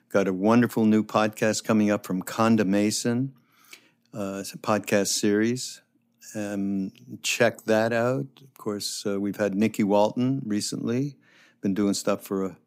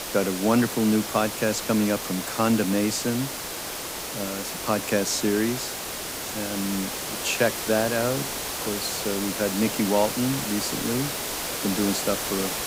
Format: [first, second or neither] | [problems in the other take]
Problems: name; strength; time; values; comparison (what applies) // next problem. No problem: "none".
first | hiss; loud; throughout; 3 dB below the speech